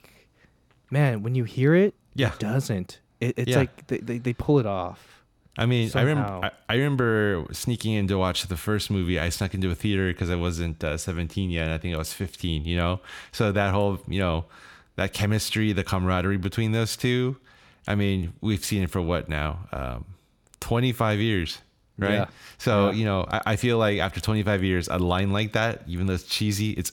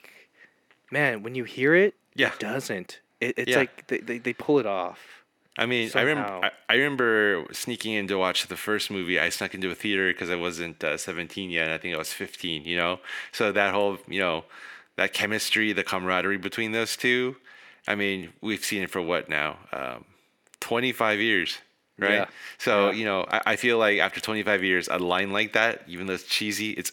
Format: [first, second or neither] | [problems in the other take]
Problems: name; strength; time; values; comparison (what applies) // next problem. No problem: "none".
first | thin; somewhat; fading below 350 Hz